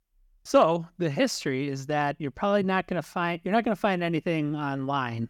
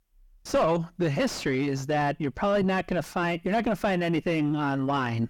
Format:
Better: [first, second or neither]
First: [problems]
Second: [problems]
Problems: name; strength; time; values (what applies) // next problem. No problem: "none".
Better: first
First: none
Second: distortion; heavy; 6 dB below the speech